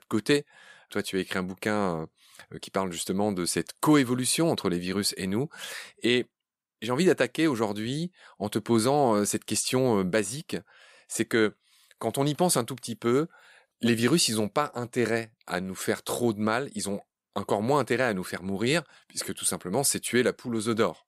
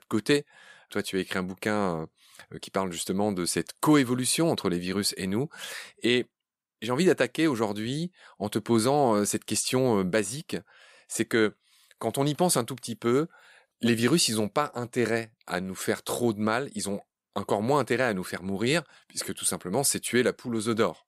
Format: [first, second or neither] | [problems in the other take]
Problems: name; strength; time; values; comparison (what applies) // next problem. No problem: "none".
neither | none